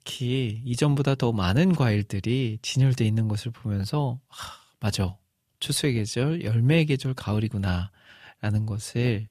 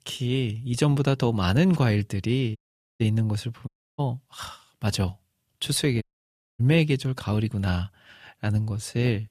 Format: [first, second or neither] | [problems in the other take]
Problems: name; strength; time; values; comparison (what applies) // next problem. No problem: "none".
first | audio cutting out; at 2.5 s, at 3.5 s and at 6 s for 0.5 s